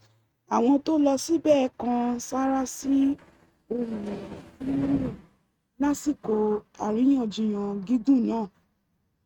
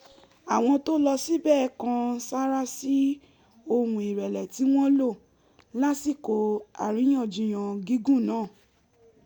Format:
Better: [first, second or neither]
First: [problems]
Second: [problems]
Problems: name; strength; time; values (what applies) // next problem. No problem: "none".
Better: second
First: noise reduction (neural mask model RNNoise)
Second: none